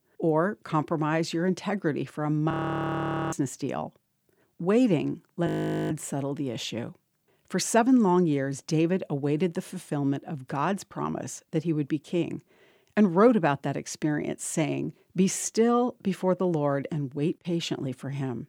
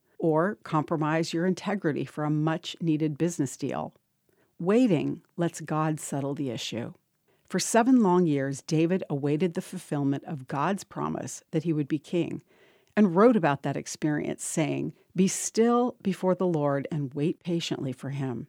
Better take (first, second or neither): second